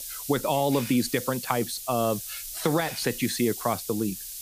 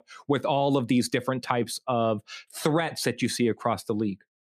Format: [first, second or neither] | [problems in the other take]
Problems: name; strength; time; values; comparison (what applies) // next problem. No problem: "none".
second | hiss; loud; throughout; 8 dB below the speech